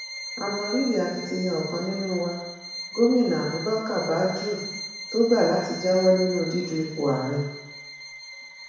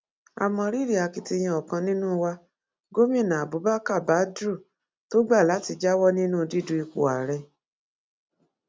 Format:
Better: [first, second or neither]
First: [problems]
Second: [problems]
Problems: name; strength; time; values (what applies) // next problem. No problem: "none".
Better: second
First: background sound (Bowed string instrument); 12 dB below the speech // room echo; dies away in 1.1 s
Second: none